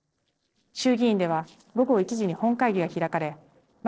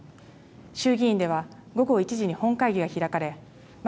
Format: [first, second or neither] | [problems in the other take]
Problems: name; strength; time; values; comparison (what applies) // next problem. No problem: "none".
second | noise reduction (neural separator model SepFormer DNS4)